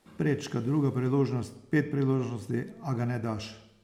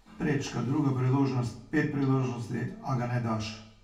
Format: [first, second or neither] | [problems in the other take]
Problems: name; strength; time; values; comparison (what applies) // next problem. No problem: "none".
first | room echo; dies away in 0.2 s